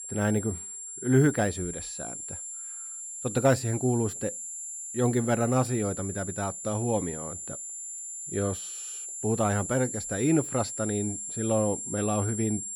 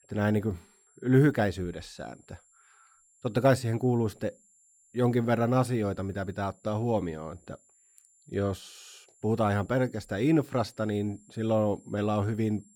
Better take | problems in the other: second | high-pitched whine; loud; throughout; 7.5 kHz, 7 dB below the speech; faint in the second

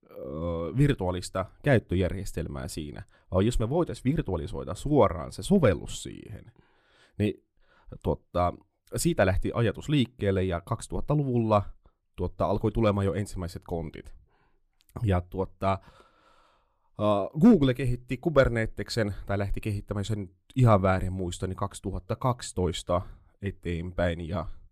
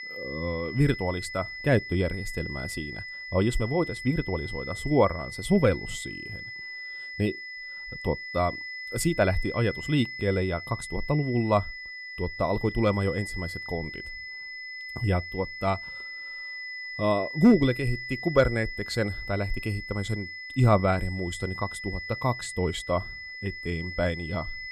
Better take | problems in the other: first | high-pitched whine; loud; throughout; 2 kHz, 8 dB below the speech

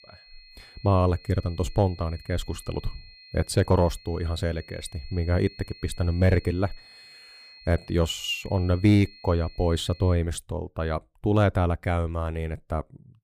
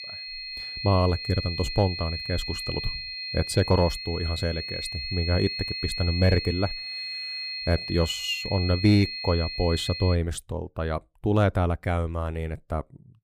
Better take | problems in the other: first | high-pitched whine; loud; until 10 s; 4.5 kHz, 5 dB below the speech; faint in the first

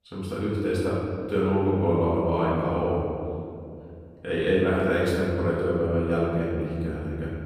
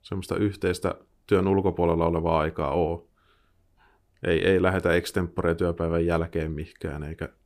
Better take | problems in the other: second | room echo; strong; dies away in 2.7 s // off-mic speech; far

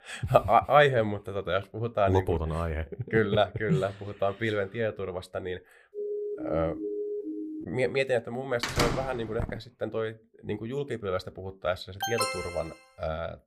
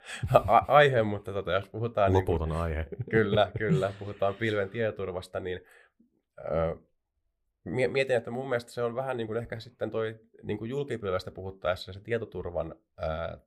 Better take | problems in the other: second | siren; noticeable; from 6 to 7.5 s; peak 5 dB below the speech // door banging; loud; at 8.5 s; peak 1 dB above the speech // alarm; noticeable; at 12 s; peak 1 dB below the speech

